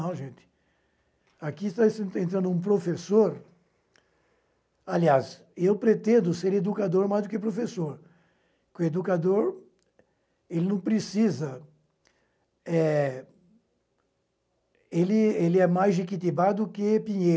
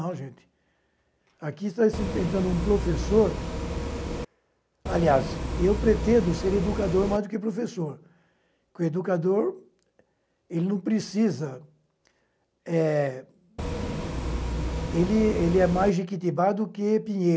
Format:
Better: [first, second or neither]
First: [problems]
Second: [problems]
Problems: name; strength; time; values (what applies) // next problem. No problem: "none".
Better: first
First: none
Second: background sound (Bus); 3 dB below the speech